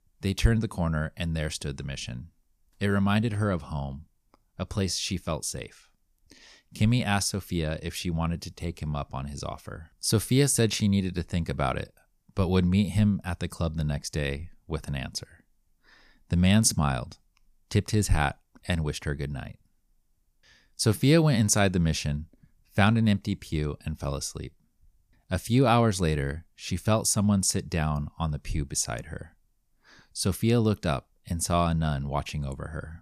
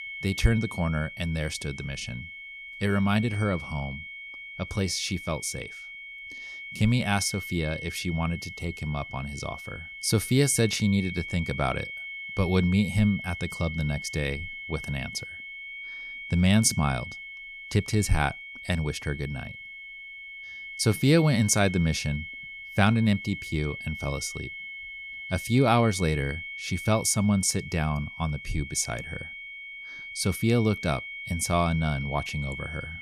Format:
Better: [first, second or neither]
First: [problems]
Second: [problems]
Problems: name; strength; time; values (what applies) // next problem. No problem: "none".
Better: first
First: none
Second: high-pitched whine; noticeable; throughout; 2 kHz, 10 dB below the speech